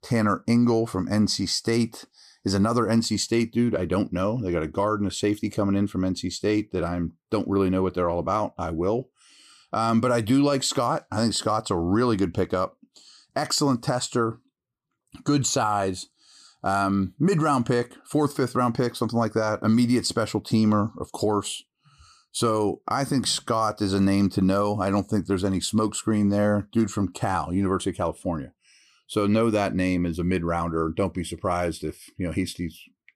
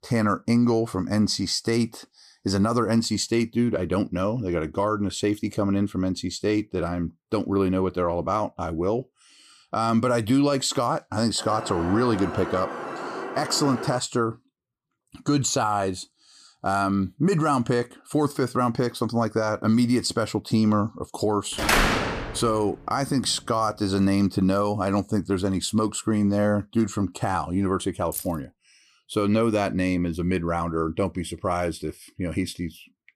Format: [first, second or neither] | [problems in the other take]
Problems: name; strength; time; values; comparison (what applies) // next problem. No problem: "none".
first | alarm; noticeable; from 11 to 14 s; peak 7 dB below the speech // door banging; loud; at 22 s; peak 5 dB above the speech // jangling keys; noticeable; at 28 s; peak 9 dB below the speech